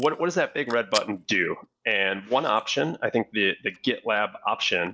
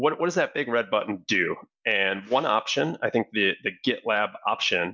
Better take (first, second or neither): second